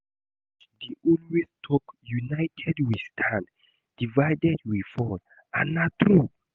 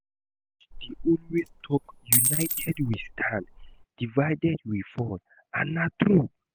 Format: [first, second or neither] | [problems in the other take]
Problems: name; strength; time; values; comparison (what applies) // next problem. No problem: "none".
first | background sound (Coin (dropping)); 2 dB below the speech